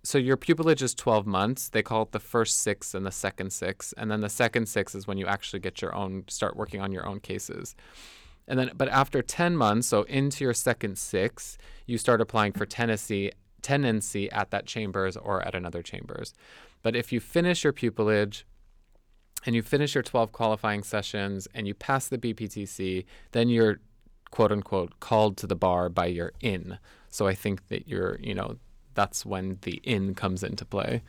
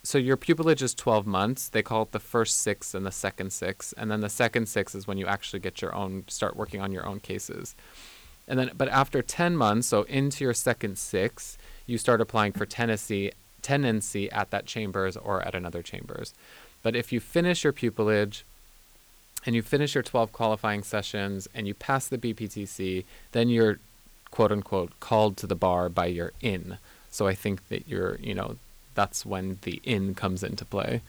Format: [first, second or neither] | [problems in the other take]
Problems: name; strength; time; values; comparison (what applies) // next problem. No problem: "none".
first | hiss; faint; throughout; 25 dB below the speech